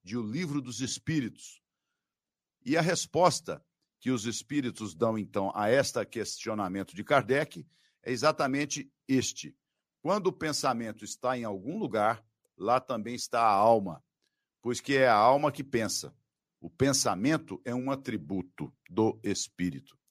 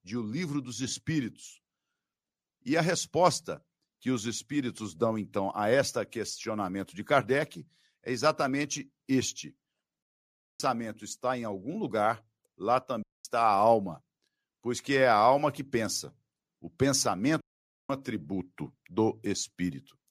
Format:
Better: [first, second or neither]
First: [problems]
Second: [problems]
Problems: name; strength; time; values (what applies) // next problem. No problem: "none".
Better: first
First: none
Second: audio cutting out; at 10 s for 0.5 s, at 13 s and at 17 s